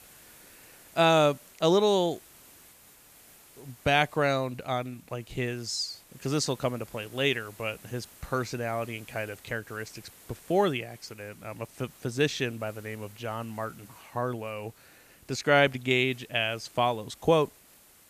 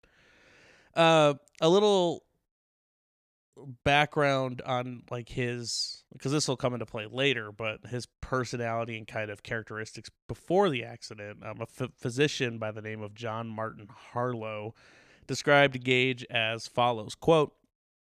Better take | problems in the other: second | hiss; faint; throughout; 25 dB below the speech

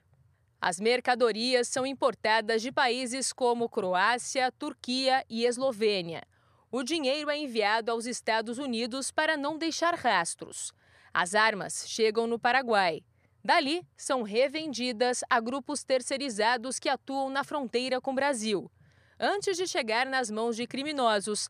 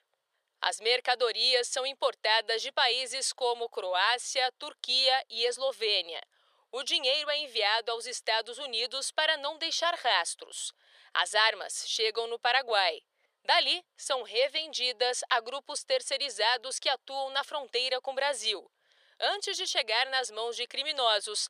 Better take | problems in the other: first | thin; very; fading below 500 Hz

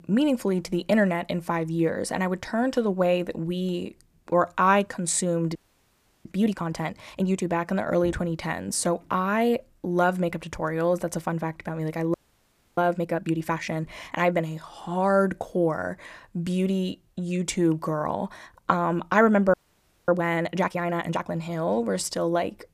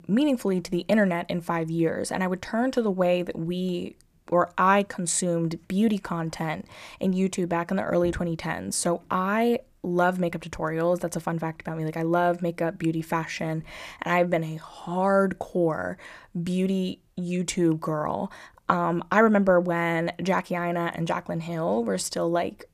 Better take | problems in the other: second | audio freezing; at 5.5 s for 0.5 s, at 12 s for 0.5 s and at 20 s for 0.5 s

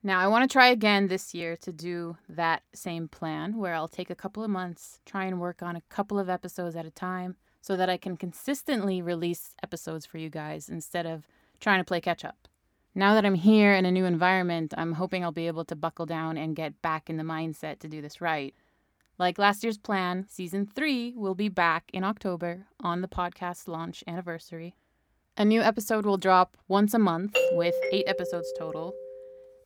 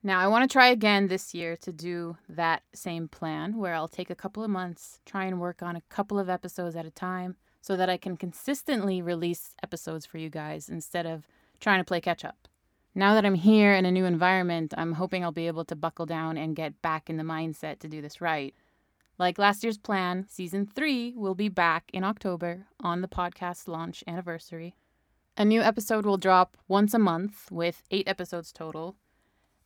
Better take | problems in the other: second | doorbell; loud; from 27 to 29 s; peak 3 dB above the speech

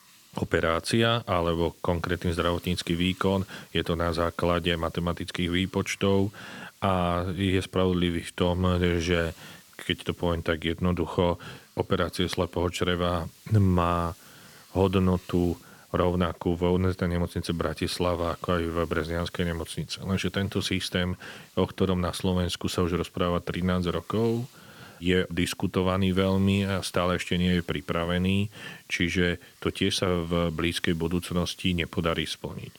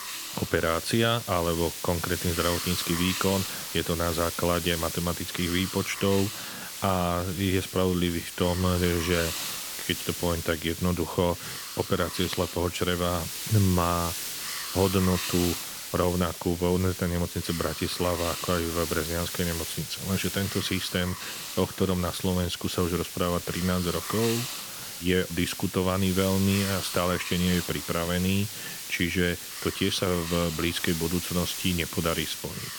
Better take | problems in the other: first | hiss; loud; throughout; 5 dB below the speech; faint in the first

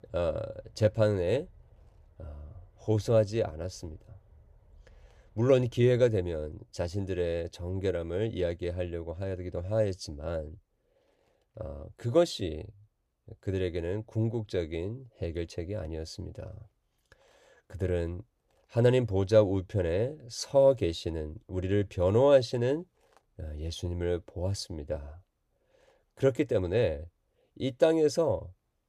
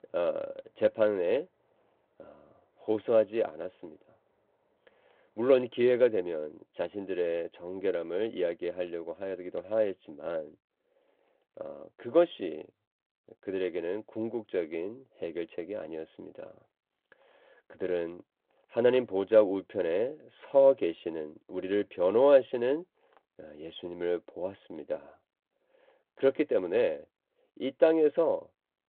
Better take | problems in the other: first | phone-call audio

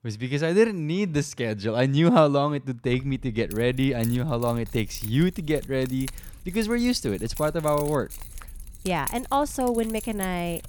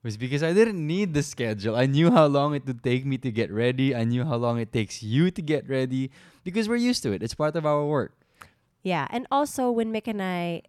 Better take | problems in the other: second | jangling keys; noticeable; from 3 s on; peak 8 dB below the speech

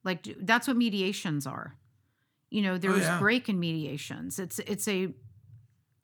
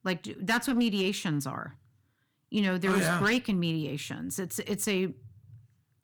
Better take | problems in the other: first | distortion; slight; 6% of the sound clipped

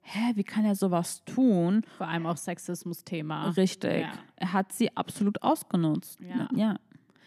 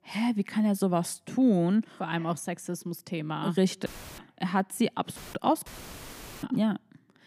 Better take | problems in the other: first | audio cutting out; filled with static; at 4 s, at 5 s and at 5.5 s for 1 s

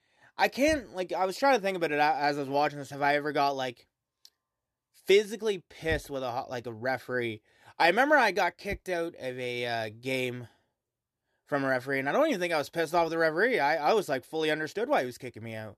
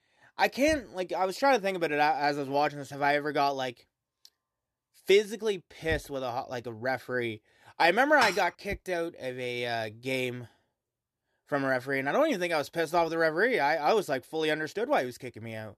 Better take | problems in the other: first | clattering dishes; noticeable; at 8 s; peak 4 dB below the speech

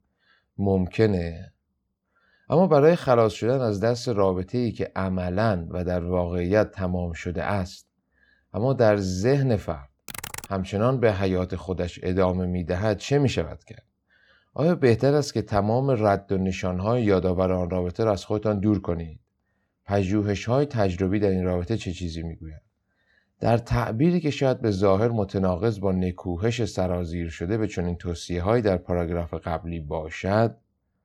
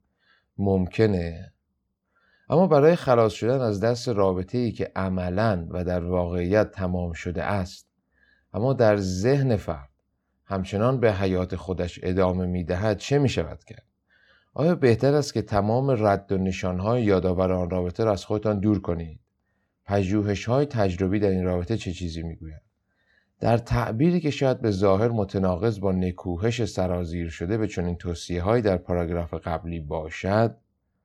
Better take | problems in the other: second | keyboard typing; faint; at 10 s; peak 10 dB below the speech

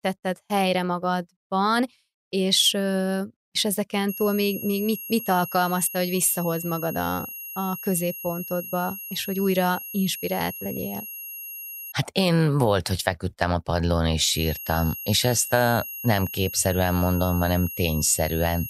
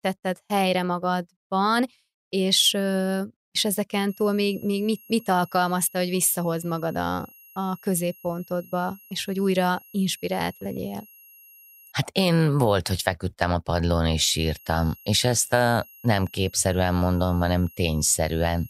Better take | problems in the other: second | high-pitched whine; loud; from 4 to 12 s and from 14 s on; 11.5 kHz, 9 dB below the speech; faint in the second

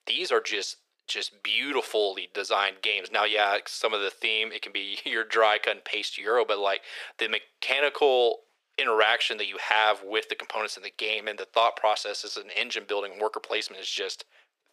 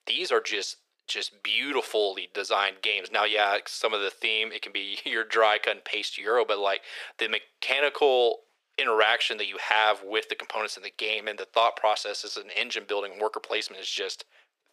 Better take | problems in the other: neither | thin; very; fading below 400 Hz; the same in both

